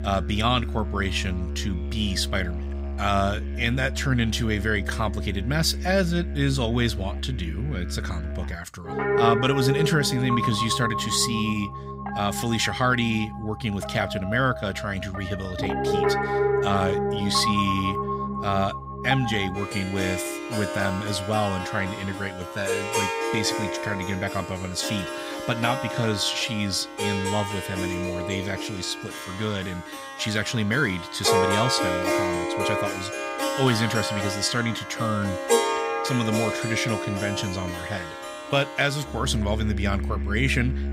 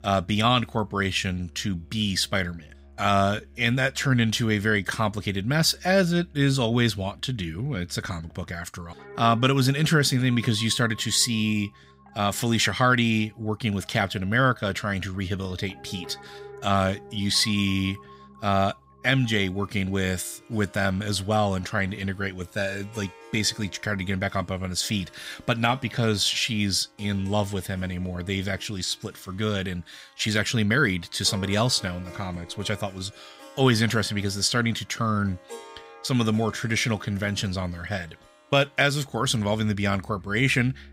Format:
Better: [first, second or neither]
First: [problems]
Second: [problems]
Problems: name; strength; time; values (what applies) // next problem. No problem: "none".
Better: second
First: background music; loud; throughout; 3 dB below the speech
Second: background music; faint; throughout; 25 dB below the speech